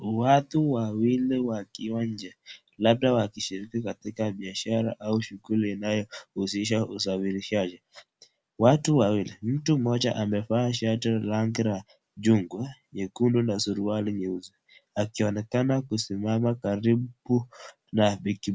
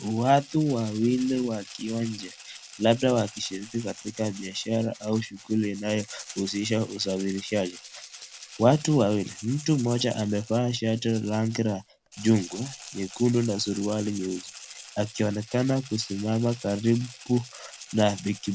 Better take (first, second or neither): first